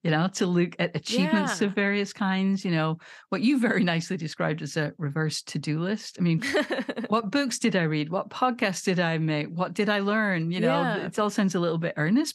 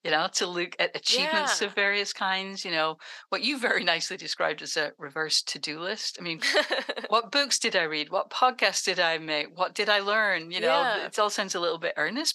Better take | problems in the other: first | thin; very; fading below 600 Hz

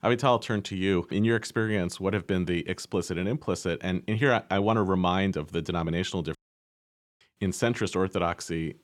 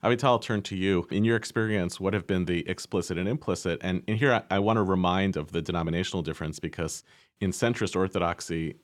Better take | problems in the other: second | audio cutting out; at 6.5 s for 1 s

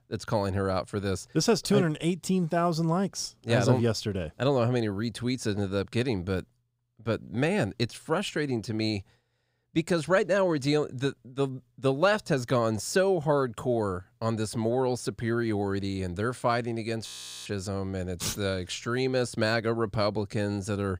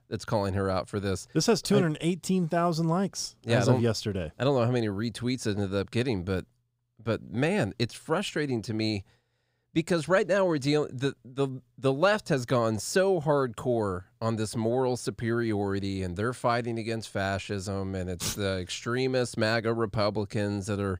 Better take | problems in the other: second | audio freezing; at 17 s

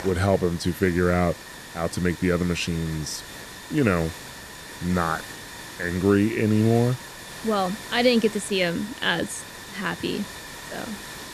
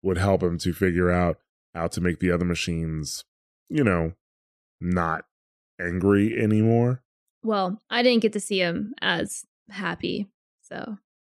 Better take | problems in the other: second | hiss; noticeable; throughout; 15 dB below the speech

